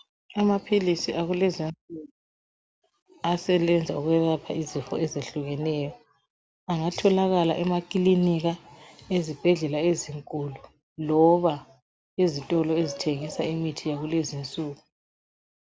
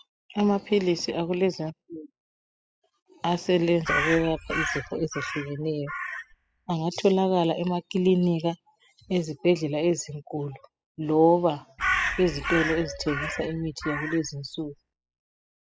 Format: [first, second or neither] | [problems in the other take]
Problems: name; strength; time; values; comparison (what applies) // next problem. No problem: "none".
first | noise reduction (classical method spectral subtraction)